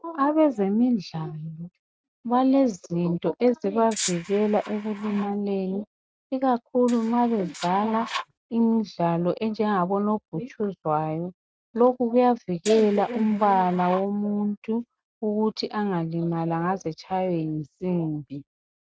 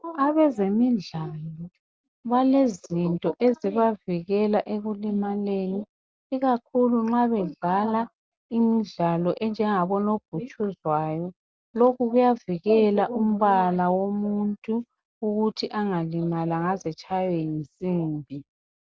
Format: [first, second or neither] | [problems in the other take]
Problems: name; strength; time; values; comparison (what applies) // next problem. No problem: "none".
second | noise reduction (neural mask model RNNoise)